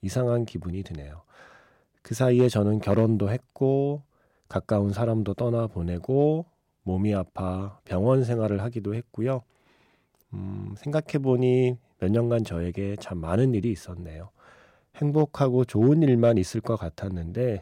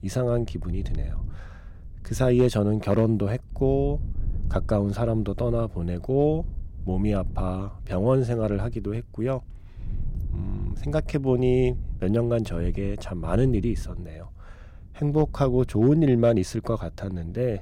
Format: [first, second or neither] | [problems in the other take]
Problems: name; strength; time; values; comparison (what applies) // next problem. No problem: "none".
first | wind noise on the microphone; occasional gusts; 25 dB below the speech